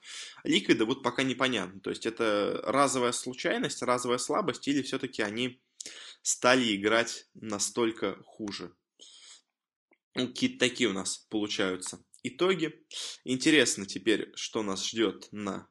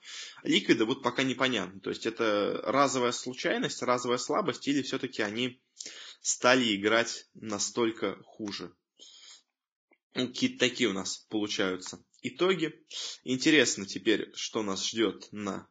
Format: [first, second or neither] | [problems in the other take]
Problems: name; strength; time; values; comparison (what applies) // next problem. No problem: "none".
first | garbled, watery; badly; nothing above 7.5 kHz; slightly in the first